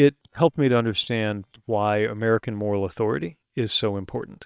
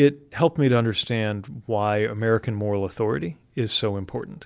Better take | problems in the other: second | noise reduction (neural separator model SepFormer WHAM!)

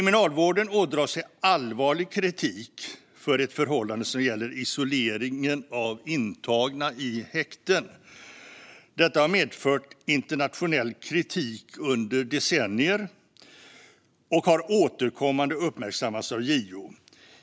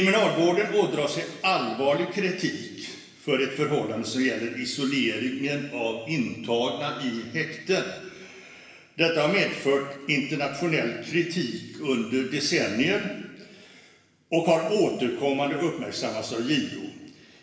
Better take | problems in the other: first | room echo; dies away in 1.2 s

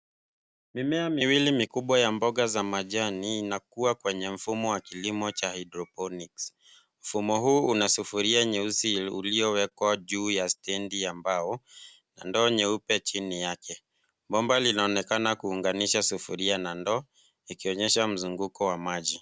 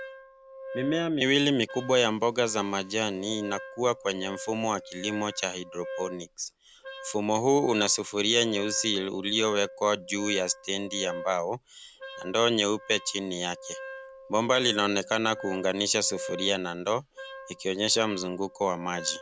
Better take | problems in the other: first | background sound (Wind instrument, woodwind instrument); 15 dB below the speech

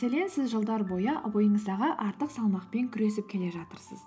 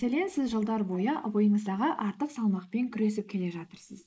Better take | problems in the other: first | noise reduction (neural mask model Resemble Enhance denoiser)

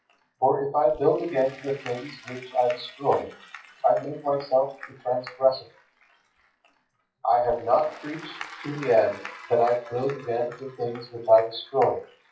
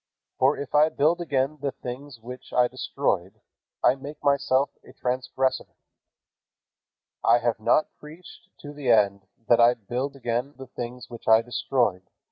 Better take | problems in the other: second | noise reduction (classical method WPE with log-MMSE)

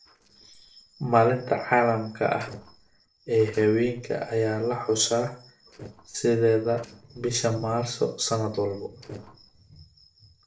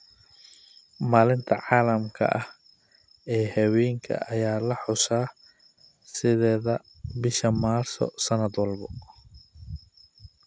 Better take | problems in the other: second | noise reduction (neural separator model SepFormer DNS4)

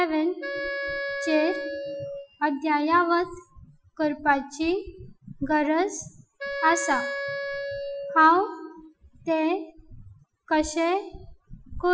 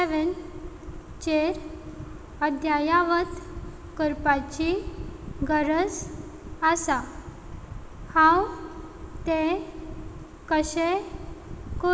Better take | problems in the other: second | noise reduction (classical method Wiener filter)

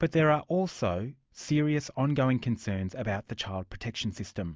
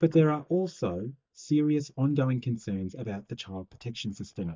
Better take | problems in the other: first | noise reduction (neural mask model DeepFilterNet 3)

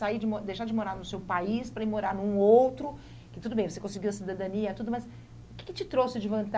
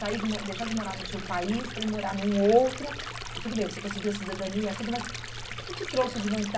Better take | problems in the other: first | background sound (Stream); 9 dB below the speech // room echo; dies away in 0.4 s

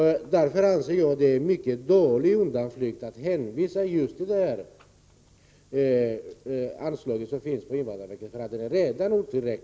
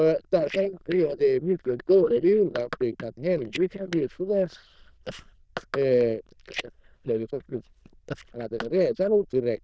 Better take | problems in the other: first | noise reduction (neural diffusion model UNIVERSE++)

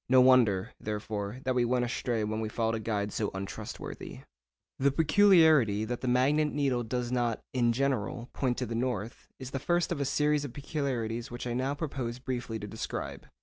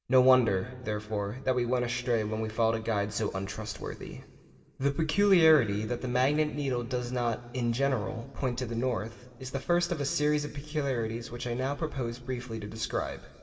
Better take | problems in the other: first | room echo; dies away in 1.7 s

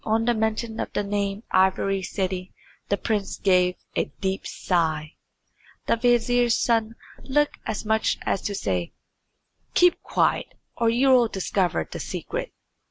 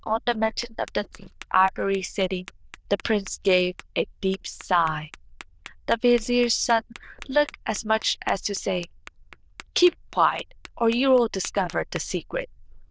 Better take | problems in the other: first | noise reduction (neural diffusion model UNIVERSE++)

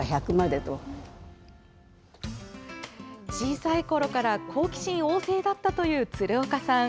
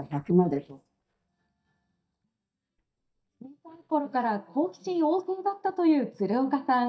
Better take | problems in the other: first | noise reduction (neural mask model DeepFilterNet 3)

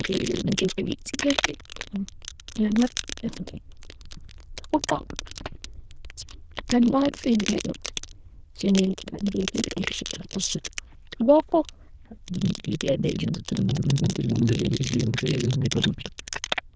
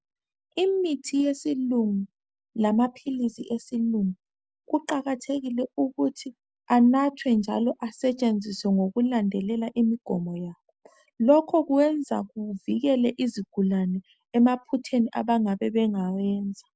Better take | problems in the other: second | noise reduction (neural diffusion model UNIVERSE++)

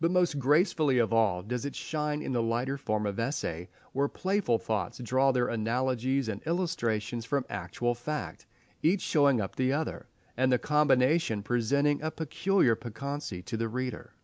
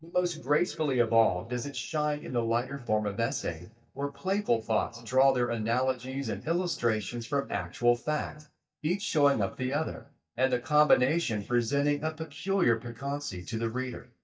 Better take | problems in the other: first | noise reduction (neural mask model DeepFilterNet 3)

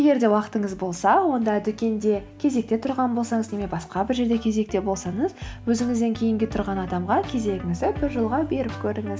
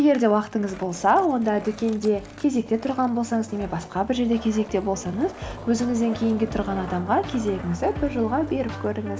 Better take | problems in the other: first | background sound (Skateboard); 18 dB below the speech

